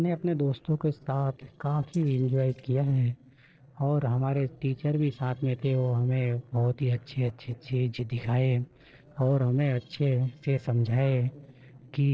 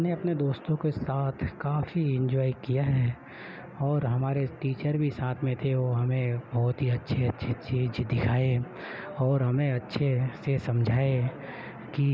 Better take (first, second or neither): second